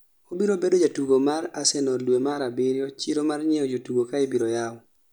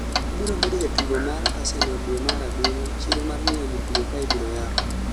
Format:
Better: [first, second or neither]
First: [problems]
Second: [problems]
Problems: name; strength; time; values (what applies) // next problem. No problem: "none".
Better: first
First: none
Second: background sound (Clock); 5 dB above the speech